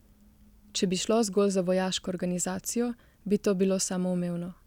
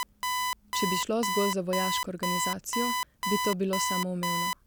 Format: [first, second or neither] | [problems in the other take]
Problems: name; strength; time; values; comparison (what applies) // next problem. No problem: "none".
first | background sound (Alarm); 1 dB above the speech